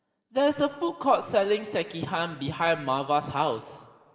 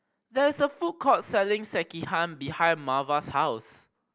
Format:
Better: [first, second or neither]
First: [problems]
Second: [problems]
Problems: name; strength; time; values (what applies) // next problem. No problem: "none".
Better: second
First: room echo; dies away in 2 s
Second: none